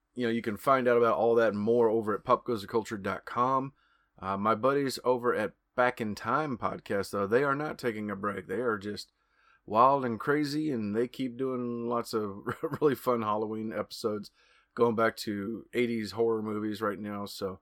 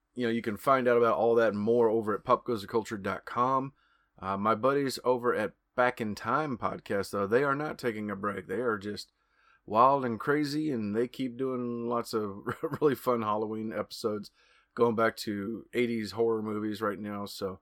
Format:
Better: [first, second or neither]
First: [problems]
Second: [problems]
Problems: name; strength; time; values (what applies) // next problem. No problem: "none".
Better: neither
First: none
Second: none